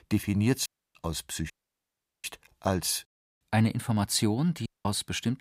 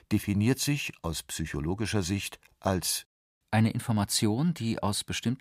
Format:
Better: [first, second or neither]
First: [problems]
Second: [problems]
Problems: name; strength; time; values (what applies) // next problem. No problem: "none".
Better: second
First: audio cutting out; at 0.5 s, at 1.5 s for 0.5 s and at 4.5 s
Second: none